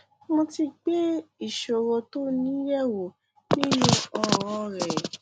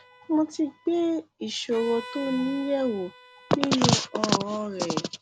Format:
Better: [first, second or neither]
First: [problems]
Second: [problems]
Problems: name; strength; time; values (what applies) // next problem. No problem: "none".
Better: first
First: none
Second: background sound (Bowed string instrument); 20 dB below the speech